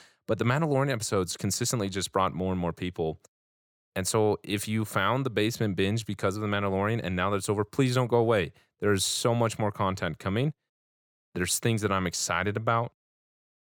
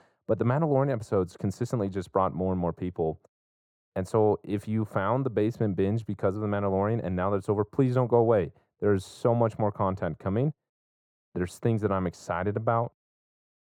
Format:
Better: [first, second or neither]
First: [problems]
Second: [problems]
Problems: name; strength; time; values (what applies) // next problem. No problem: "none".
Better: first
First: none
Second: muffled; very; fading above 1.5 kHz